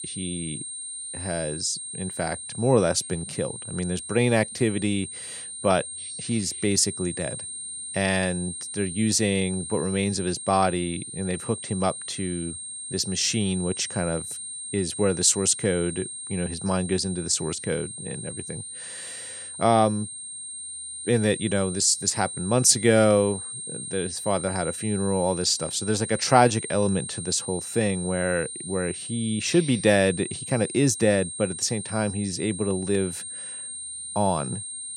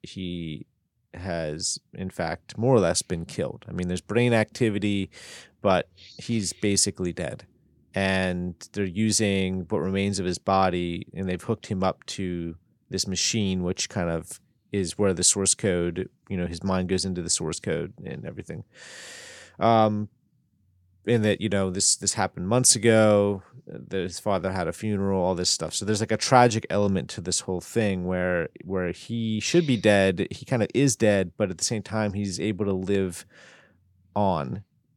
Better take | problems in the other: second | high-pitched whine; loud; throughout; 8.5 kHz, 8 dB below the speech

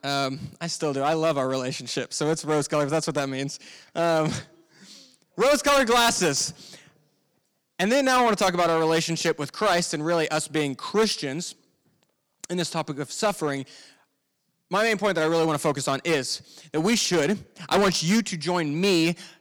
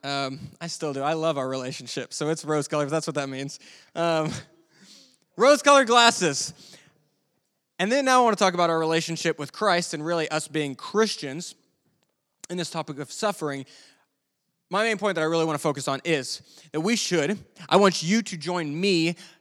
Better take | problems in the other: second | distortion; heavy; 6% of the sound clipped

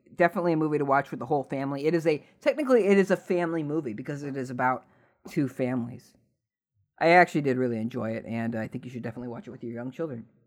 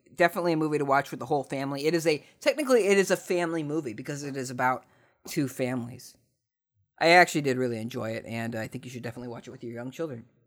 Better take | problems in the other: second | muffled; slightly; fading above 3 kHz

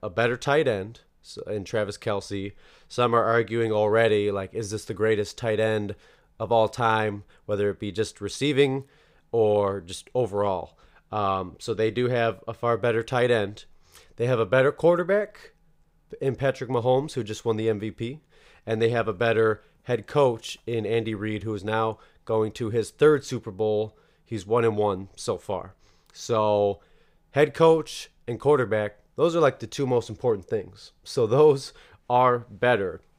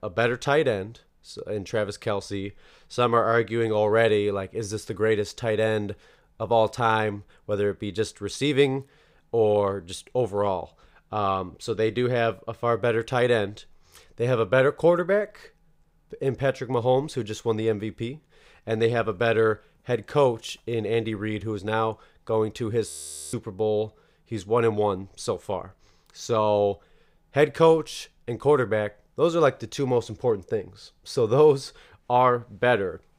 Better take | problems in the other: first | audio freezing; at 23 s

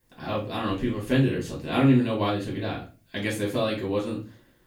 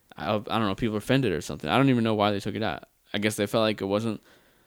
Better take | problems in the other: second | off-mic speech; far // room echo; slight; dies away in 0.3 s

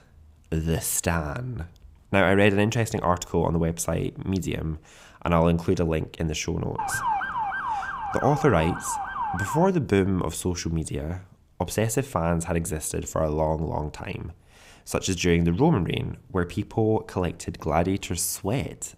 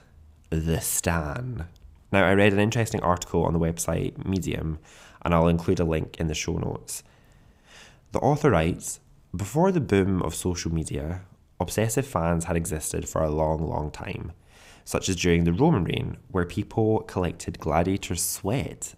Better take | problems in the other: second | siren; noticeable; from 7 to 9.5 s; peak 1 dB below the speech

